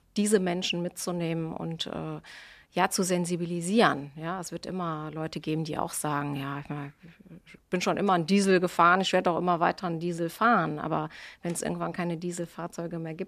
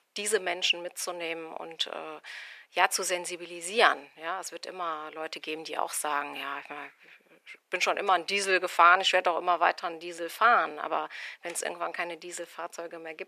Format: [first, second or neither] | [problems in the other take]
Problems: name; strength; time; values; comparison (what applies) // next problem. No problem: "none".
first | thin; very; fading below 450 Hz